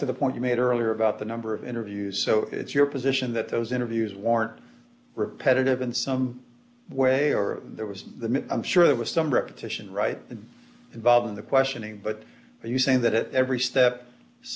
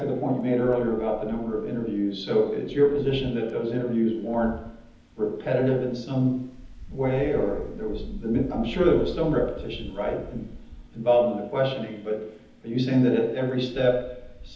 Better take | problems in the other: first | background sound (Wind); 16 dB below the speech // room echo; dies away in 1.3 s

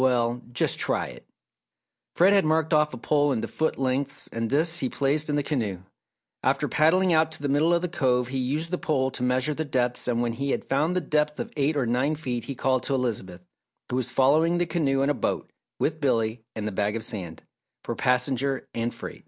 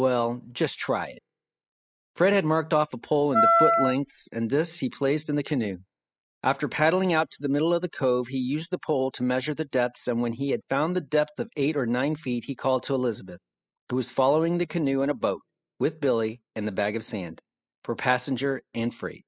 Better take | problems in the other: first | noise reduction (classical method spectral subtraction)

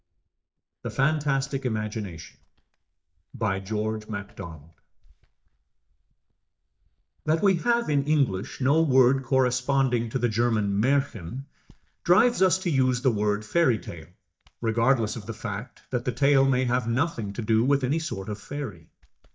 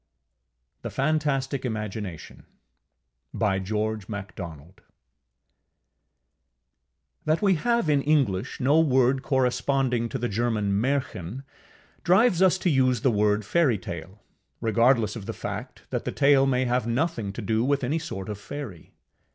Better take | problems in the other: second | noise reduction (neural mask model DeepFilterNet 3)

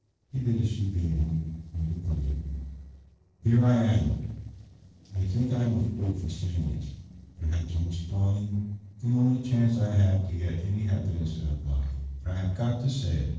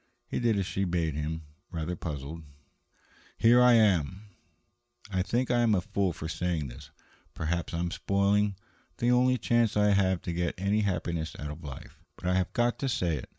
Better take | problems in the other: second | noise reduction (neural separator model SepFormer DNS4)

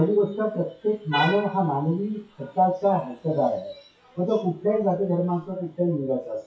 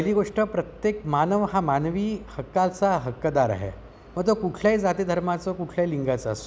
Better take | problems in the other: second | noise reduction (classical method WPE with log-MMSE)

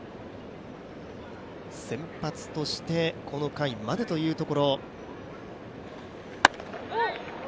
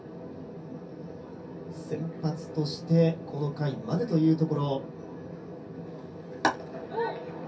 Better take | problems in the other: first | room echo; dies away in 0.3 s

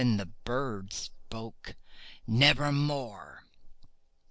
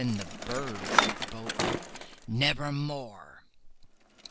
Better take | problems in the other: first | background sound (Bicycle); as loud as the speech

